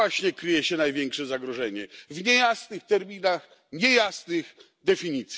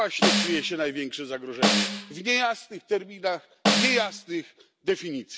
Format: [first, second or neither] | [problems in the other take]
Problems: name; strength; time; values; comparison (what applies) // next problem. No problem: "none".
first | background sound (Snare drum); 2 dB above the speech